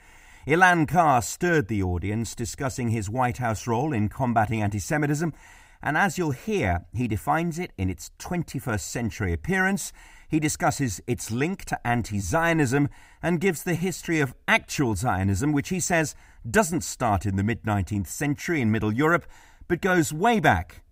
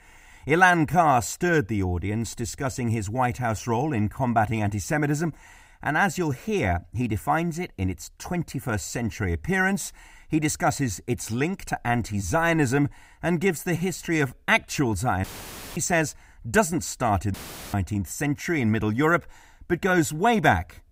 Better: first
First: none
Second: audio cutting out; filled with static; at 15 s for 0.5 s and at 17 s

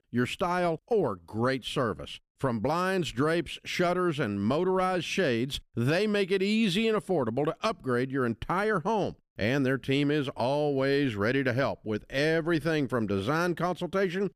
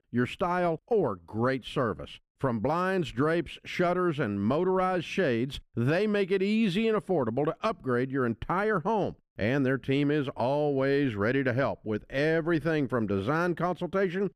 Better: first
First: none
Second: muffled; very slightly; fading above 3 kHz

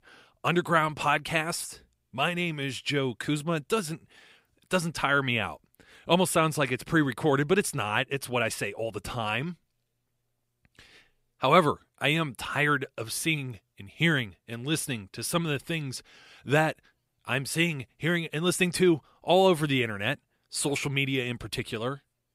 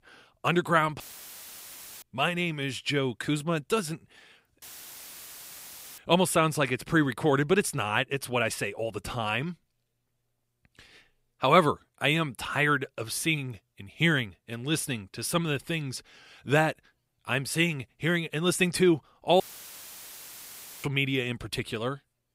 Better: first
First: none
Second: audio cutting out; filled with static; at 1 s for 1 s, at 4.5 s for 1.5 s and at 19 s for 1.5 s

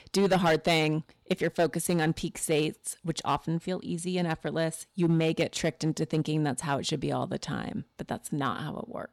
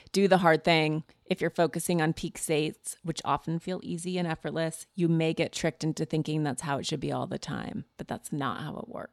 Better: second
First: distortion; slight; 3% of the sound clipped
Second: none

